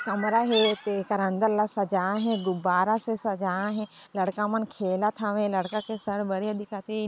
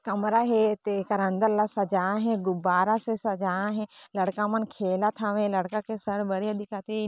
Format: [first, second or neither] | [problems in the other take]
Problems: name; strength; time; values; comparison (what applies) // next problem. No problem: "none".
second | background sound (Chirp, tweet); 15 dB below the speech